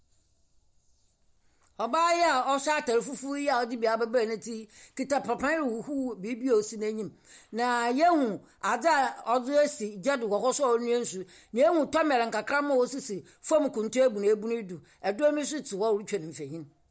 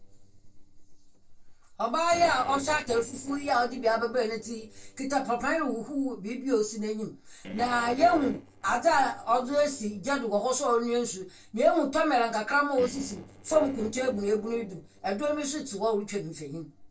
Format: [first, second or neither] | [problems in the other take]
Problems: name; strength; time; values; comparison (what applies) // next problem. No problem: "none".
first | noise reduction (neural separator model SepFormer DNS4)